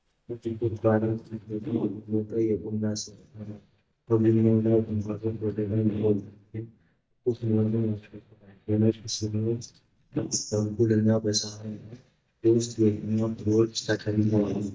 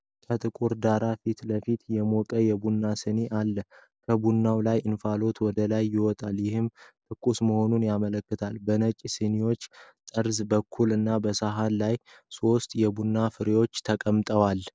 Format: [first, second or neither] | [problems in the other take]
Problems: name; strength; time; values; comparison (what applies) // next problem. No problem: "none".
second | noise reduction (neural mask model DeepFilterNet 3)